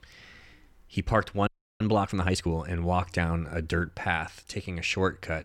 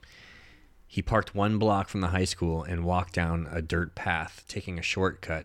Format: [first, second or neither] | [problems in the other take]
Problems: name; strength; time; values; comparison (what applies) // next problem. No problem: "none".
second | audio freezing; at 1.5 s